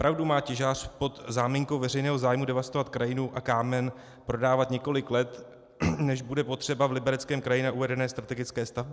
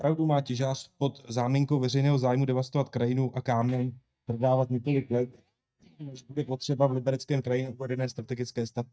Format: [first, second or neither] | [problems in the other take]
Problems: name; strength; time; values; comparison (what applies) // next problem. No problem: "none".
first | noise reduction (neural mask model DeepFilterNet 3)